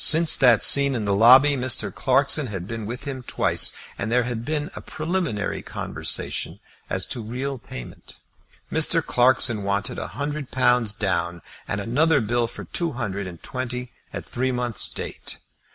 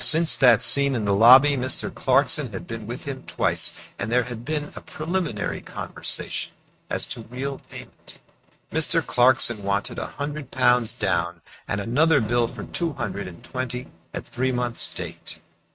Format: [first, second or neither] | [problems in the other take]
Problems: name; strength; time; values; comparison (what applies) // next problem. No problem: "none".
first | noise reduction (neural mask model RNNoise)